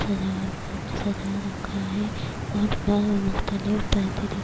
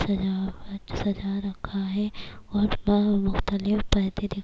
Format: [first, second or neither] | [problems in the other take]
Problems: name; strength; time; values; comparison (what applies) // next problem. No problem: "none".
second | background sound (Stream); 6 dB below the speech